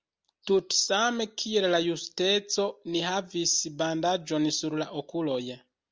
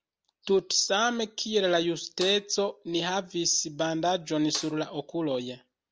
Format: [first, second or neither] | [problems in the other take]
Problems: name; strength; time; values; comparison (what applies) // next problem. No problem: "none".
first | background sound (Snare drum); 17 dB below the speech